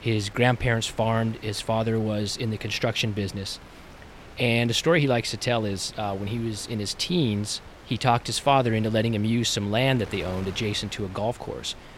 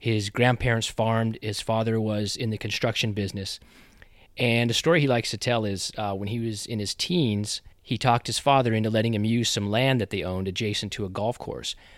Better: second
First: wind noise on the microphone; occasional gusts; 20 dB below the speech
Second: none

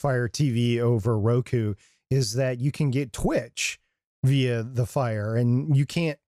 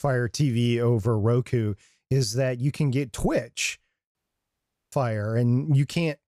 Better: first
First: none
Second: audio cutting out; at 4 s for 1 s

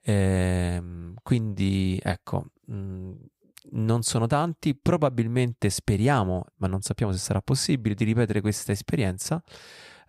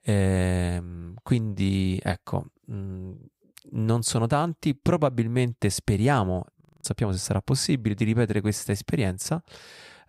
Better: first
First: none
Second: audio freezing; at 6.5 s

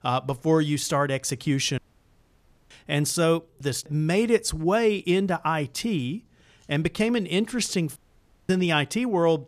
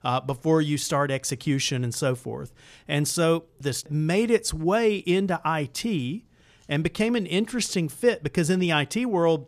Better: second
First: audio cutting out; at 2 s for 1 s and at 8 s for 0.5 s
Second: none

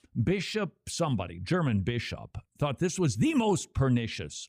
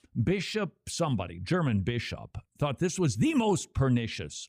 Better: neither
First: none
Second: none

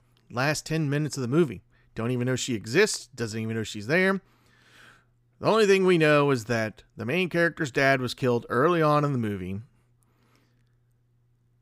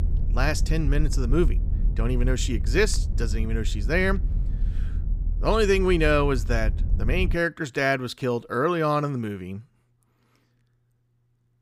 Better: first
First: none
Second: low rumble; faint; until 7.5 s; 20 dB below the speech

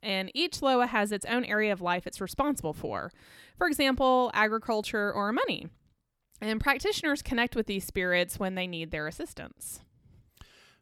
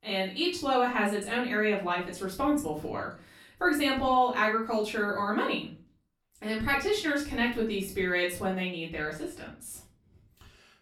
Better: first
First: none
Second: off-mic speech; far // room echo; slight; dies away in 0.3 s

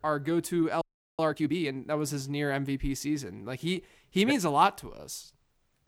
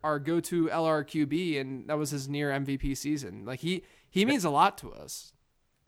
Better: second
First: audio freezing; at 1 s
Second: none

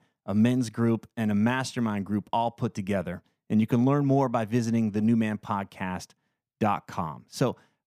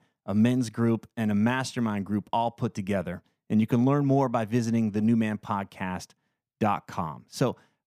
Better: neither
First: none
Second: none

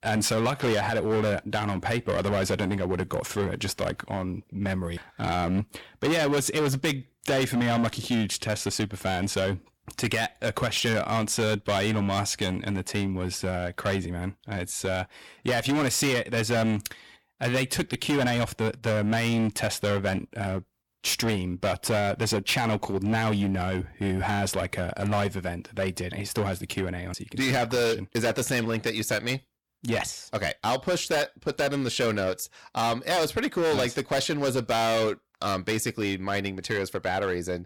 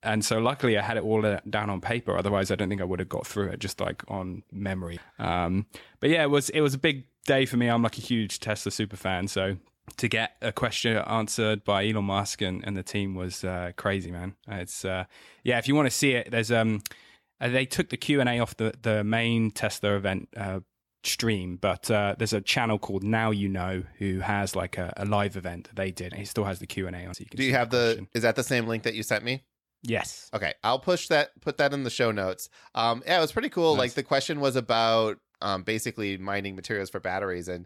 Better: second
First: distortion; heavy; 14% of the sound clipped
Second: none

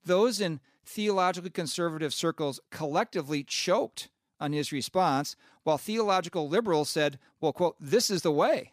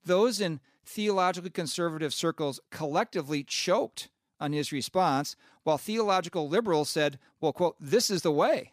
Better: neither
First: none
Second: none

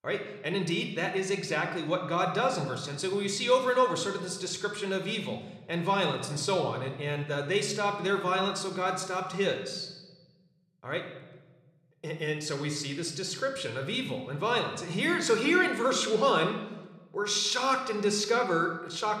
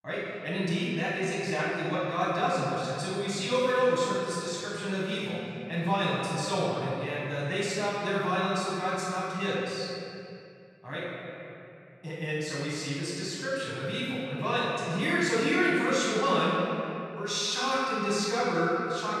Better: first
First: room echo; slight; dies away in 0.9 s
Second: room echo; strong; dies away in 2.6 s // off-mic speech; far

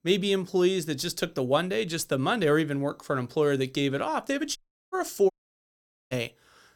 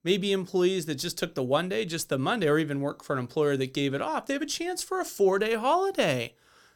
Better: second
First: audio cutting out; at 4.5 s and at 5.5 s for 1 s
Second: none

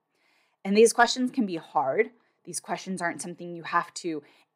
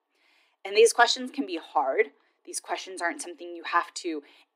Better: first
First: none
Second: thin; somewhat; fading below 250 Hz

